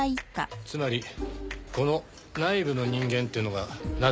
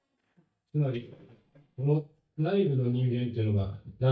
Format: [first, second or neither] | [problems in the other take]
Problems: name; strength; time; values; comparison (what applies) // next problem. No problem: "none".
first | noise reduction (neural mask model DeepFilterNet 3)